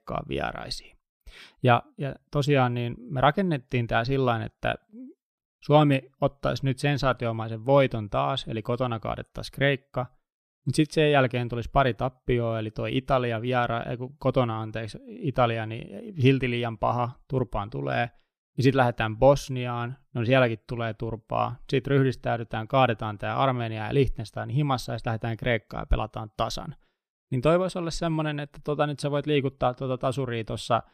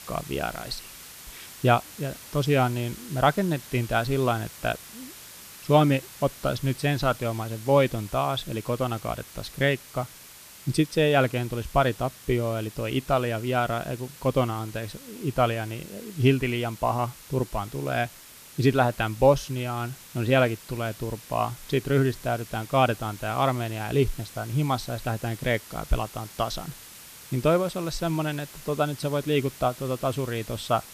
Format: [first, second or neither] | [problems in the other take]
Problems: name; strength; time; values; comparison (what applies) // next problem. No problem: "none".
first | hiss; noticeable; throughout; 15 dB below the speech